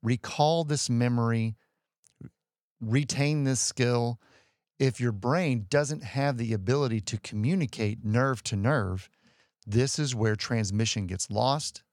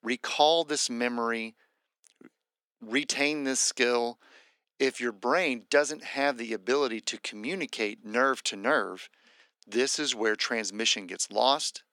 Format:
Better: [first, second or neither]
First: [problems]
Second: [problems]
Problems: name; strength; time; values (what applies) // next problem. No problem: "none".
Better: first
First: none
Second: thin; somewhat; fading below 250 Hz